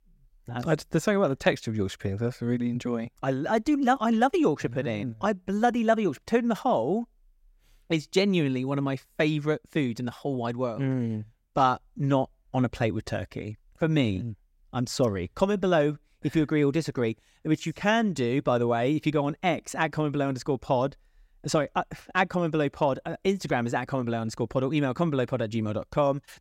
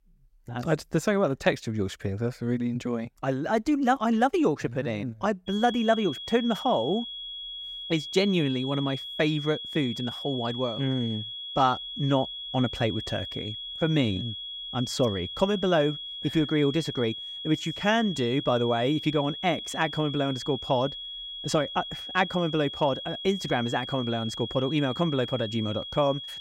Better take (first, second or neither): first